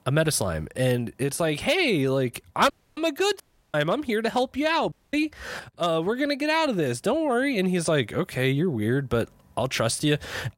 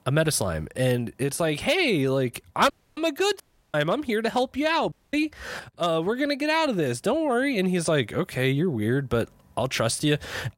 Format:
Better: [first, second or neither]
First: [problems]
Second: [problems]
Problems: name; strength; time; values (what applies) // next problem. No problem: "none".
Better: neither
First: audio cutting out; at 2.5 s, at 3.5 s and at 5 s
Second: audio cutting out; at 2.5 s, at 3.5 s and at 5 s